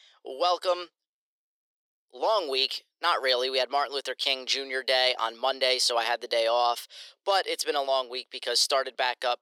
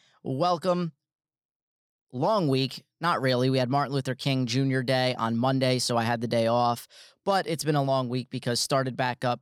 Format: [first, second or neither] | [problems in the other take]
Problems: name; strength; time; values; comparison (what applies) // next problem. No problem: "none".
second | thin; very; fading below 400 Hz